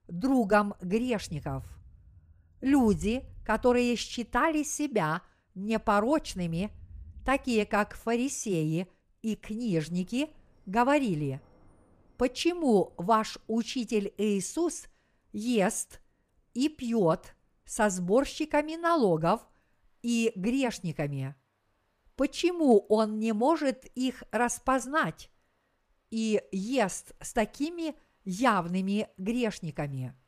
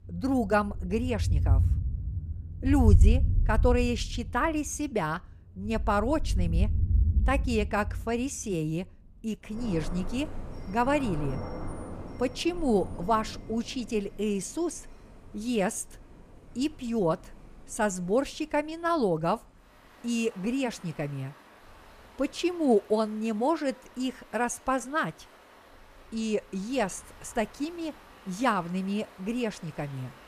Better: first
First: rain or running water; faint; throughout; 25 dB below the speech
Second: rain or running water; loud; throughout; 1 dB below the speech

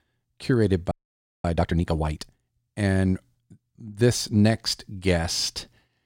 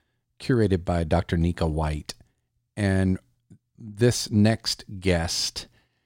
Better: second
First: audio freezing; at 1 s for 0.5 s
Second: none

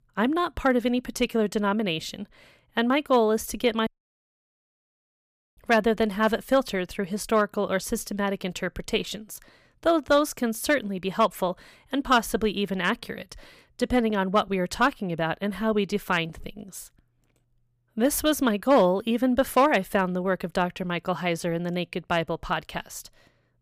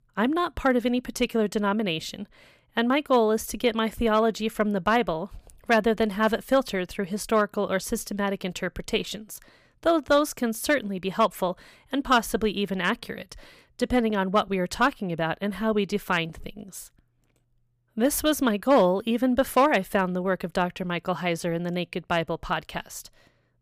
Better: second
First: audio cutting out; at 4 s for 1.5 s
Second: none

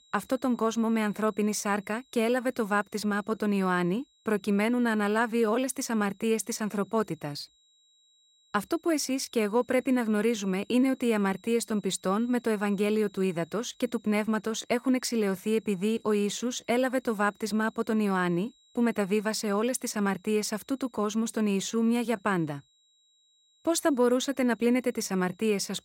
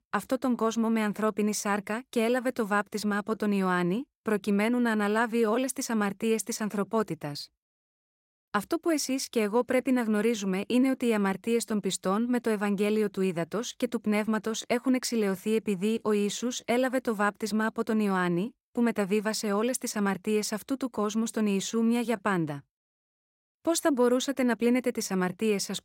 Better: second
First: high-pitched whine; faint; throughout; 4 kHz, 35 dB below the speech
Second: none

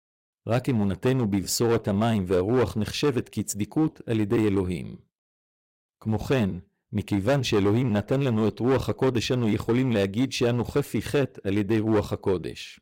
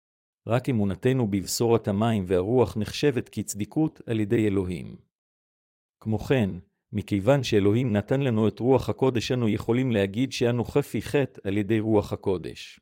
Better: second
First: distortion; slight; 8% of the sound clipped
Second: none

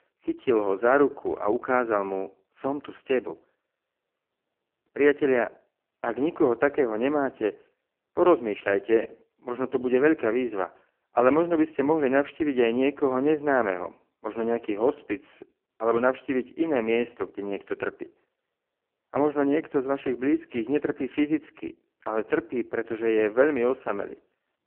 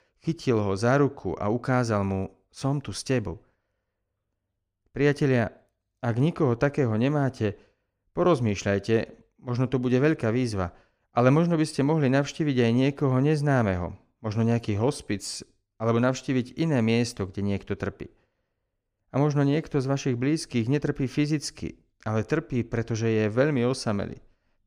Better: second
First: phone-call audio; poor line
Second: none

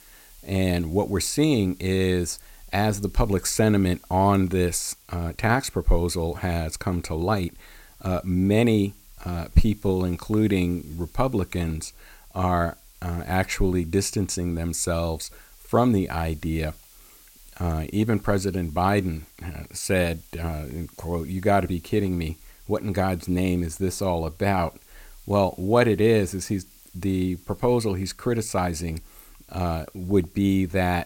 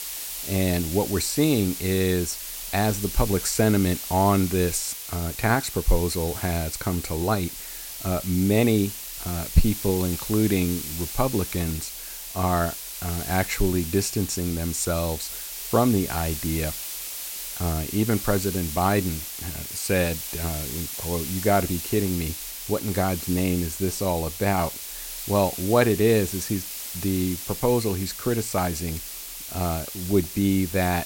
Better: first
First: hiss; faint; throughout; 25 dB below the speech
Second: hiss; loud; throughout; 7 dB below the speech

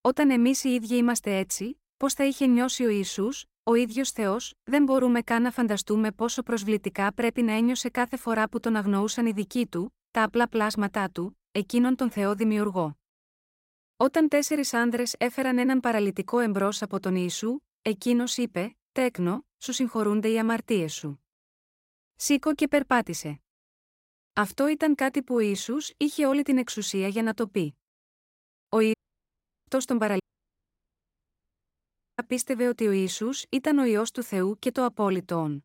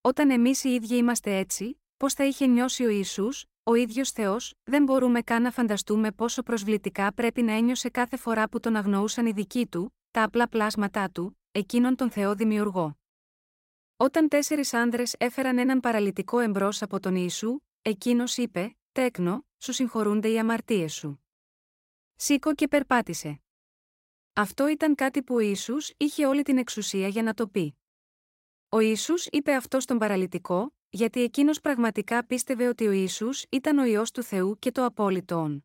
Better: second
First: audio cutting out; at 29 s for 0.5 s and at 30 s for 2 s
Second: none

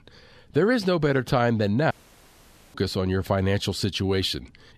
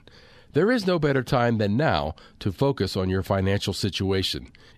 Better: second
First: audio cutting out; at 2 s for 1 s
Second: none

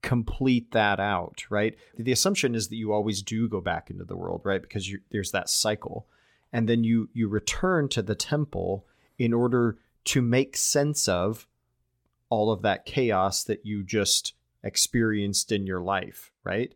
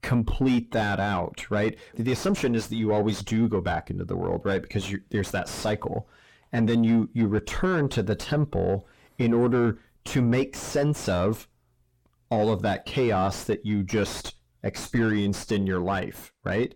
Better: first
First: none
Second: distortion; heavy; 4 dB below the speech

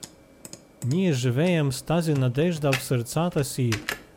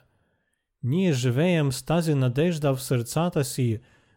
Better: second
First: keyboard typing; noticeable; peak 6 dB below the speech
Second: none

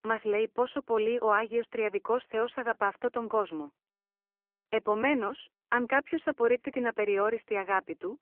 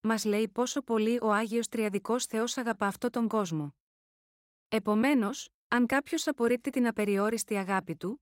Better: second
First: phone-call audio; nothing above 3 kHz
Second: none

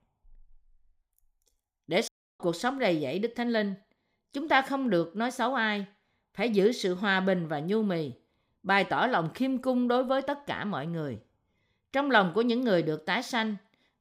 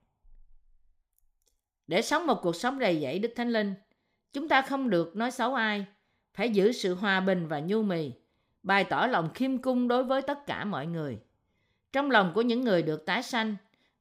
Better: second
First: audio cutting out; at 2 s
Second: none

